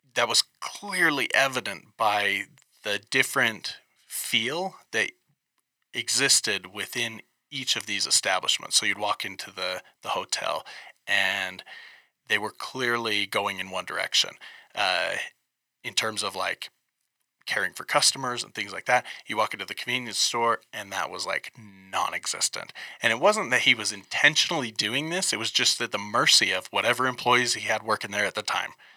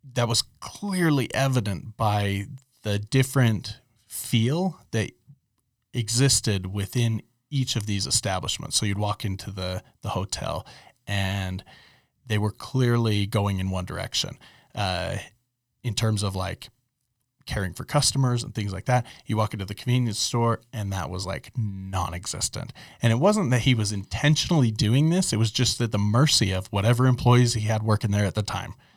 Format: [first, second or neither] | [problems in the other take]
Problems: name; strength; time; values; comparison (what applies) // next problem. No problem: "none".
second | thin; very; fading below 450 Hz